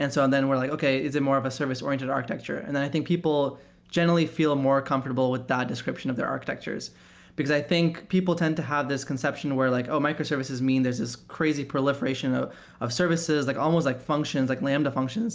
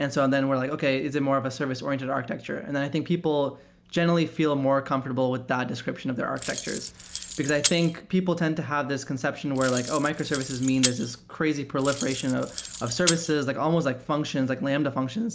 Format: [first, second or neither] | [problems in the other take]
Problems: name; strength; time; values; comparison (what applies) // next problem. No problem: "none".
first | background sound (Keys jangling); 7 dB below the speech